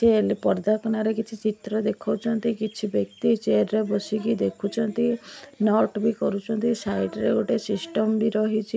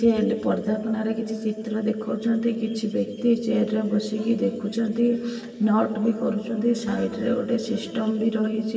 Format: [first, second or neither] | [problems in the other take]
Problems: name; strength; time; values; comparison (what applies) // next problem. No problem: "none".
first | room echo; dies away in 2.3 s